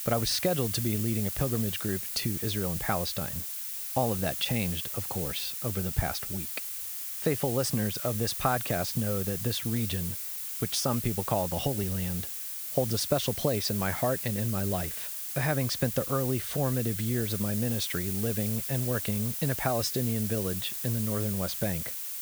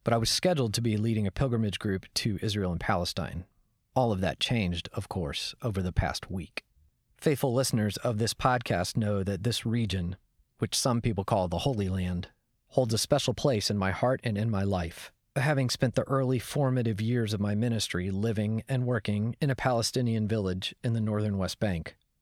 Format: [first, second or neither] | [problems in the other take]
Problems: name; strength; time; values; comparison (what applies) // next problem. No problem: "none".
second | hiss; loud; throughout; 2 dB below the speech